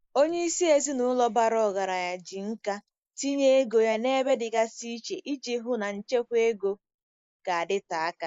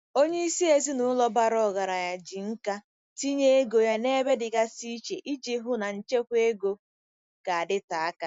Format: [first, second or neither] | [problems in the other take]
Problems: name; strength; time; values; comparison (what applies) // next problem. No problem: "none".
second | noise reduction (neural mask model Resemble Enhance denoiser)